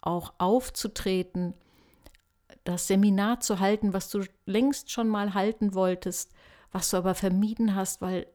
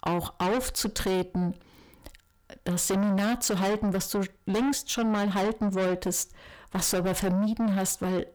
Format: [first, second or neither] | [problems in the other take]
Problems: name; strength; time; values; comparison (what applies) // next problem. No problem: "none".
first | distortion; heavy; 6 dB below the speech